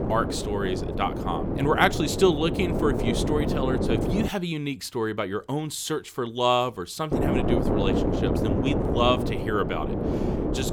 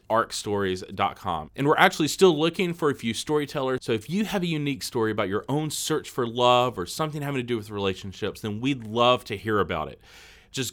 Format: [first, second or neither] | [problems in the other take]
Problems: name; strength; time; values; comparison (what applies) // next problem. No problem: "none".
second | wind noise on the microphone; heavy; until 4.5 s and from 7 s on; 3 dB below the speech